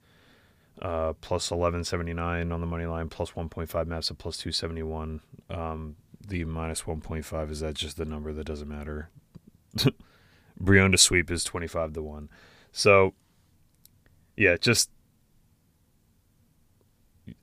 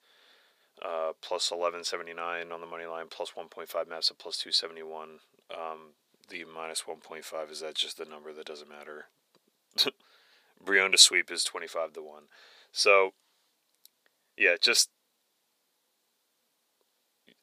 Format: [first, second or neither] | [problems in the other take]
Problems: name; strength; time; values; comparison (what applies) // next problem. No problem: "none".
first | thin; very; fading below 450 Hz